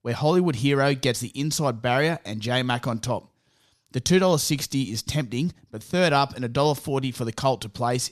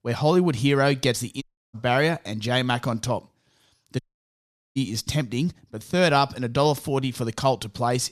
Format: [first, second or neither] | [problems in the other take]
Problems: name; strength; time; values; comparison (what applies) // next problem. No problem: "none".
first | audio cutting out; at 1.5 s and at 4 s for 1 s